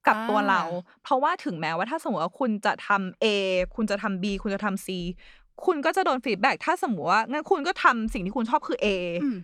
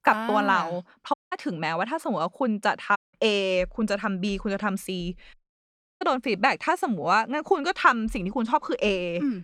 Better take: first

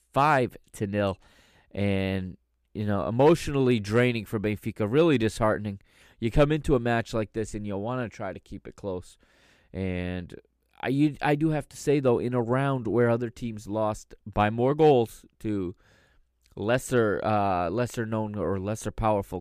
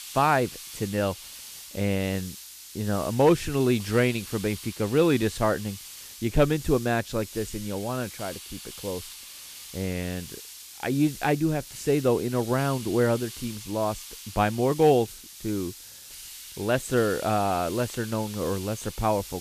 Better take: first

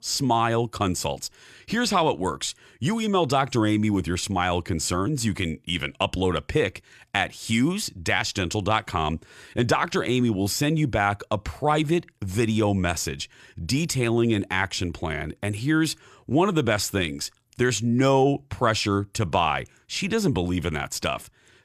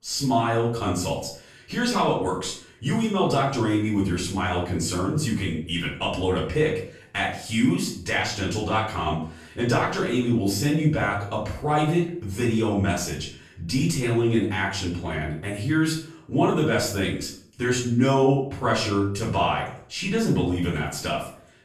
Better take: first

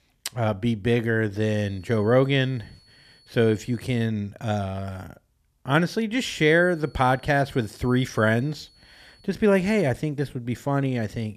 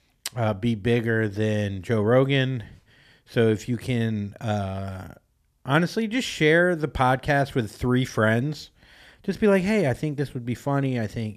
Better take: second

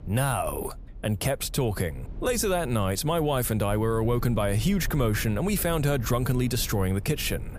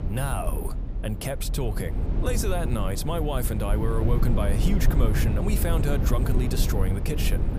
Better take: first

